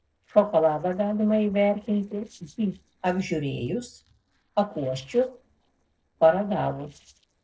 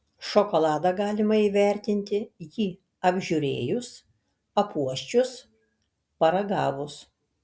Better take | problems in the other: second | noise reduction (neural separator model SepFormer DNS4)

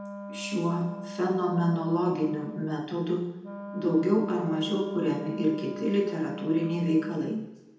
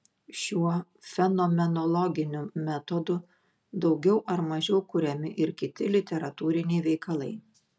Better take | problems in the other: second | background sound (Wind instrument, woodwind instrument); 12 dB below the speech // room echo; dies away in 0.9 s

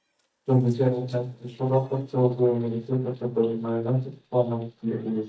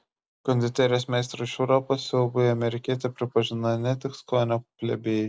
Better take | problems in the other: second | noise reduction (neural mask model DeepFilterNet 3)

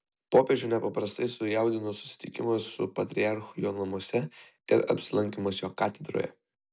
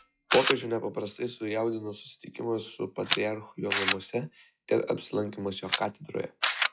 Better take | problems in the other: first | noise reduction (classical method log-MMSE)

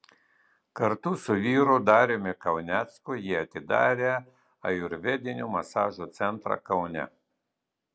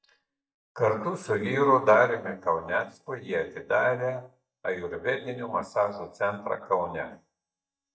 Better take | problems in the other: first | noise reduction (neural mask model DeepFilterNet 3)

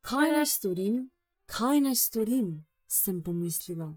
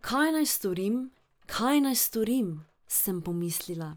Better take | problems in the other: second | noise reduction (neural mask model DeepFilterNet 3)

